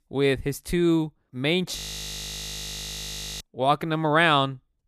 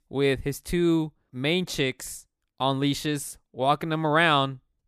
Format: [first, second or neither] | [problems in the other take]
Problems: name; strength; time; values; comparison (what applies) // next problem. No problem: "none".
second | audio freezing; at 2 s for 1.5 s